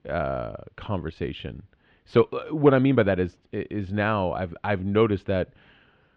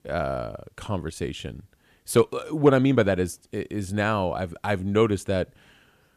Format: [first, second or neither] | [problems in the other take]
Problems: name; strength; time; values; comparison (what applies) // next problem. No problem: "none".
second | muffled; slightly; fading above 3.5 kHz